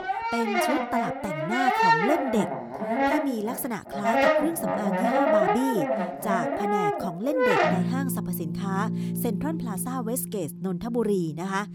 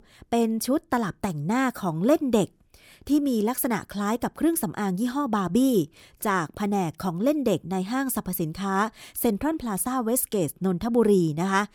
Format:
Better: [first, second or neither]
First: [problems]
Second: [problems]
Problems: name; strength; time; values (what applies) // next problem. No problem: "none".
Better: second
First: background music; very loud; throughout; 4 dB above the speech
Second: none